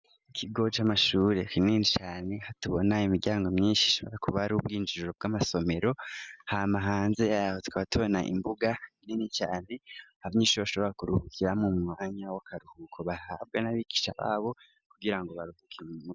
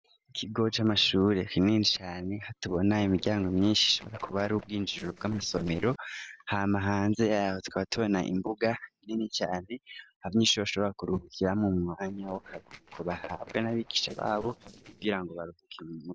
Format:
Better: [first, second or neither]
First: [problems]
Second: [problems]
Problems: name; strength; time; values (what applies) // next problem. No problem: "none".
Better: first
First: none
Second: noise reduction (neural separator model SepFormer DNS4)